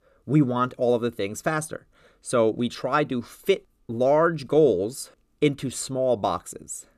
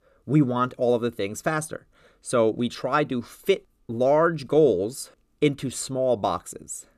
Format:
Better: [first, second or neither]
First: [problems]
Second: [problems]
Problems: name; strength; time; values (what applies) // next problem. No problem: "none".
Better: neither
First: none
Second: none